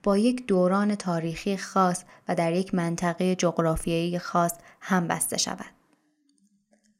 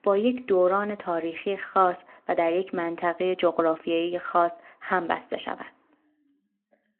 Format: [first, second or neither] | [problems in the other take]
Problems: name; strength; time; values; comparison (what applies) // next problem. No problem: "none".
first | phone-call audio